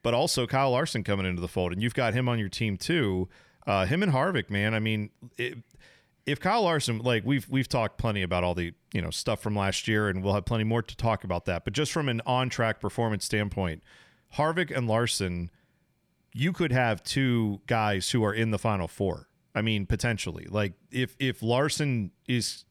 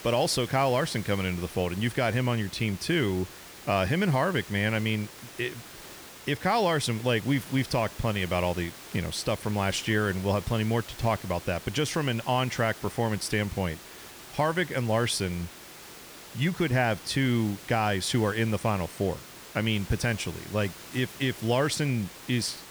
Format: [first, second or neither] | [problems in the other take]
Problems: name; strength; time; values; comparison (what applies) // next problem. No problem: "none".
first | hiss; noticeable; throughout; 15 dB below the speech